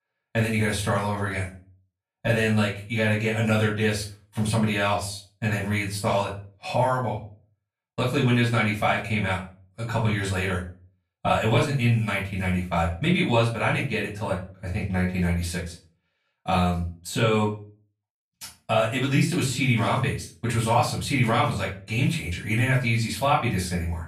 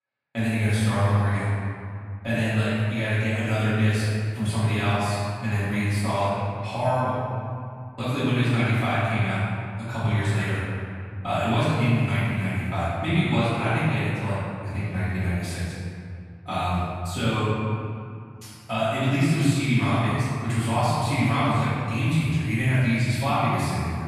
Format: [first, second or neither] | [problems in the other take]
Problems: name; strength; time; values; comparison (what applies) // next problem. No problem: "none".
first | room echo; strong; dies away in 2.2 s; slight in the first // off-mic speech; far; far in the first